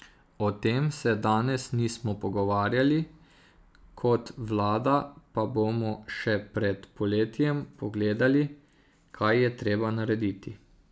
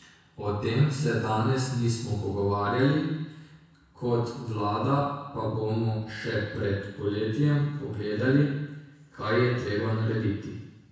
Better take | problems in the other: first | room echo; dies away in 1 s

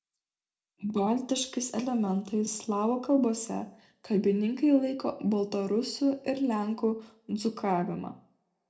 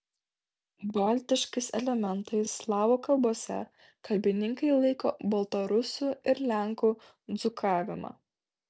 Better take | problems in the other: second | room echo; dies away in 0.3 s

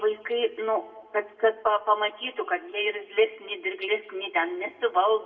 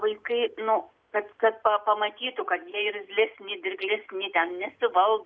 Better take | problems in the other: second | room echo; dies away in 1 s

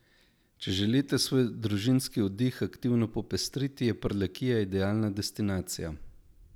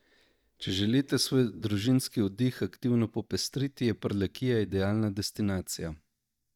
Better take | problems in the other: first | noise reduction (neural mask model DeepFilterNet 3)

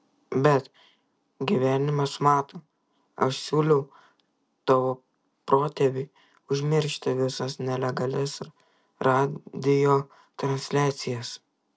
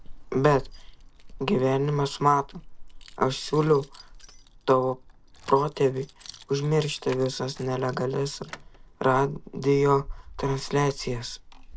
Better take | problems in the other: first | background sound (Keys jangling); 17 dB below the speech

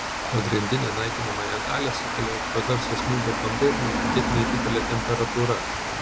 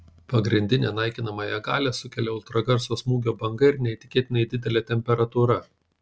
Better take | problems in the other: second | background sound (Water); as loud as the speech

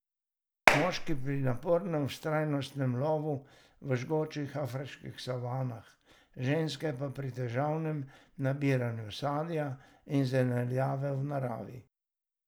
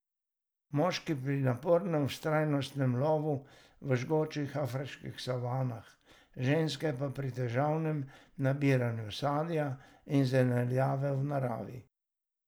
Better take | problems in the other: second | background sound (Clapping); 3 dB above the speech

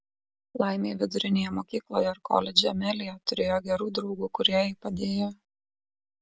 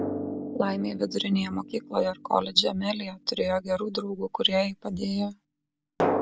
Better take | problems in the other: first | background sound (Drum); 7 dB below the speech

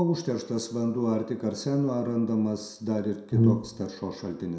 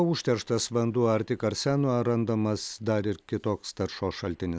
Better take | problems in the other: second | background sound (Brass instrument); 4 dB above the speech // room echo; dies away in 0.6 s

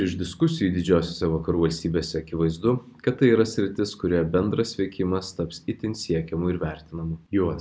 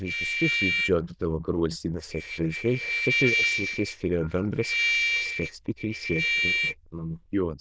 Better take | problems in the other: first | noise reduction (neural diffusion model UNIVERSE++)

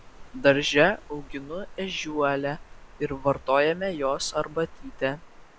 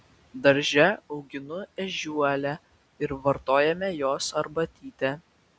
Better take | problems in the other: second | background sound (Water); 17 dB below the speech

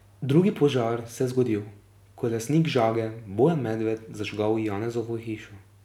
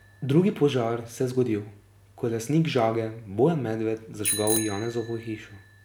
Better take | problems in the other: first | background sound (Bicycle bell); 12 dB below the speech

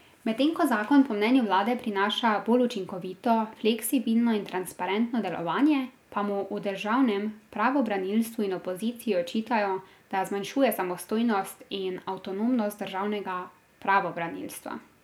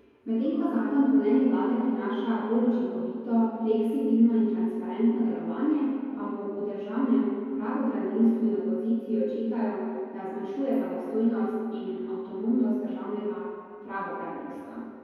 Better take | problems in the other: first | room echo; dies away in 2.2 s

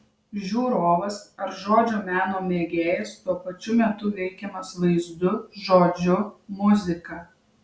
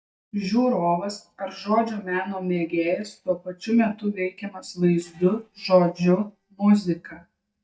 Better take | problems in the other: first | noise reduction (neural mask model DeepFilterNet 3)

